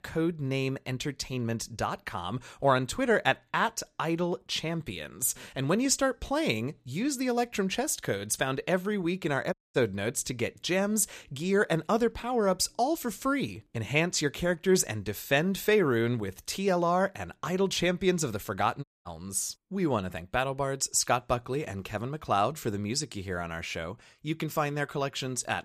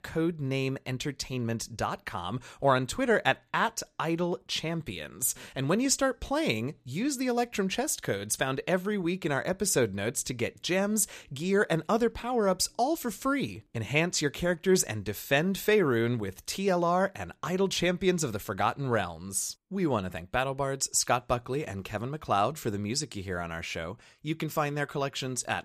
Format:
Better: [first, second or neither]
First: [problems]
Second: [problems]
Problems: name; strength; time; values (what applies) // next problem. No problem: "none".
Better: second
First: audio cutting out; at 9.5 s and at 19 s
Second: none